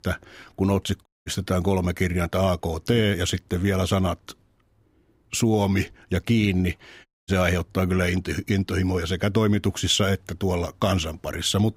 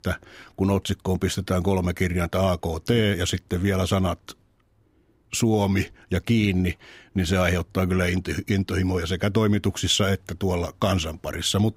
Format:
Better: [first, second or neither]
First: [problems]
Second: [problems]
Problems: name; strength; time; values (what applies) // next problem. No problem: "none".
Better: second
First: audio cutting out; at 1 s and at 7 s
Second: none